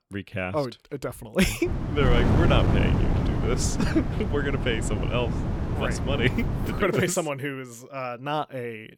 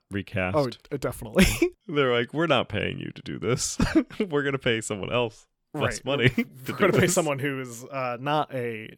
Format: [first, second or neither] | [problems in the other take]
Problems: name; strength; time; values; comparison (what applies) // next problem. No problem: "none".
second | wind noise on the microphone; heavy; from 1.5 to 7 s; 4 dB below the speech